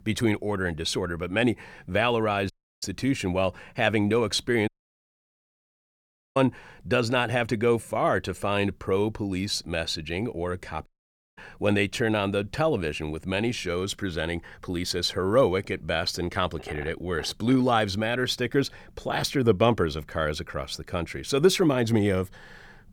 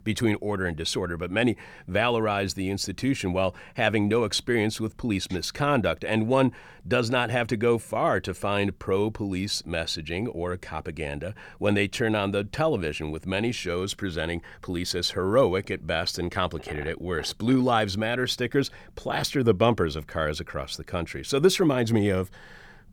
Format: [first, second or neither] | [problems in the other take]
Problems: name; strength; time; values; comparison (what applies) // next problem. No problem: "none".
second | audio cutting out; at 2.5 s, at 4.5 s for 1.5 s and at 11 s for 0.5 s